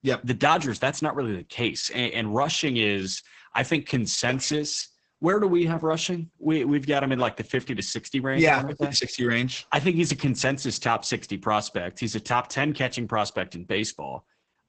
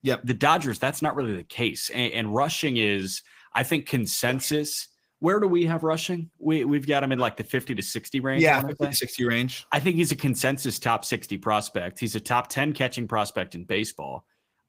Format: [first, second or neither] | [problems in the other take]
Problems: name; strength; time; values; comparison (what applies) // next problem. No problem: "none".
second | garbled, watery; badly; nothing above 8 kHz; slightly in the second